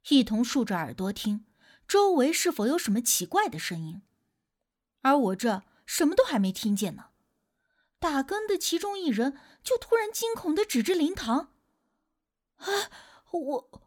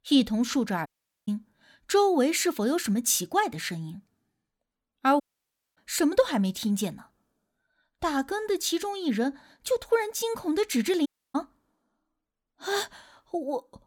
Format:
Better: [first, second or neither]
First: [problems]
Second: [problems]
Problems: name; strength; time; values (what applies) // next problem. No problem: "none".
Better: first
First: none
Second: audio cutting out; at 1 s, at 5 s for 0.5 s and at 11 s